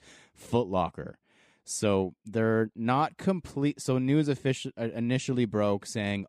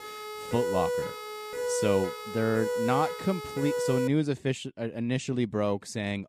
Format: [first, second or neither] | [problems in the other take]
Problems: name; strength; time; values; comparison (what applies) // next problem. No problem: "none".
first | siren; loud; until 4 s; peak level with the speech